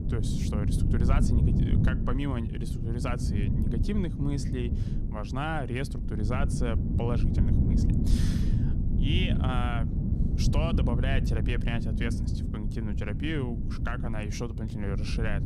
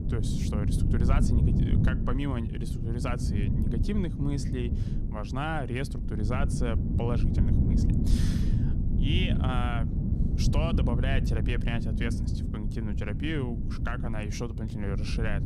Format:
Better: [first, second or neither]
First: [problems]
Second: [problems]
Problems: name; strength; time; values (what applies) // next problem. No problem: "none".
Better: neither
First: wind noise on the microphone; heavy; 4 dB below the speech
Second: wind noise on the microphone; heavy; 4 dB below the speech